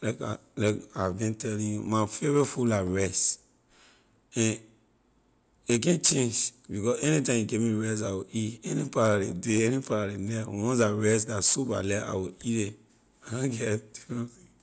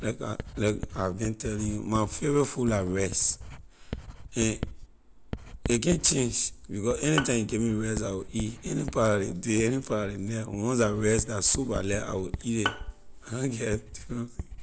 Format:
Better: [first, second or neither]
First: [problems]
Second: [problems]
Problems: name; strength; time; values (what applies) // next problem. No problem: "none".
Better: first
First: none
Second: background sound (Bowed string instrument + Writing); 10 dB below the speech